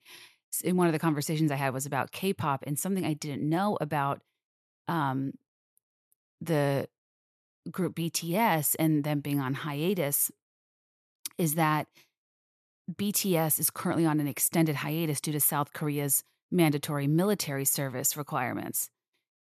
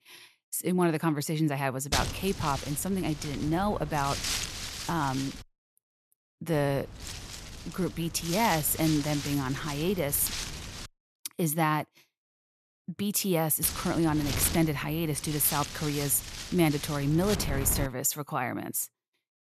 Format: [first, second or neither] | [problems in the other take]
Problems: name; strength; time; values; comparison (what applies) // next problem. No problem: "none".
first | wind noise on the microphone; heavy; from 2 to 5.5 s, from 6.5 to 11 s and from 14 to 18 s; 6 dB below the speech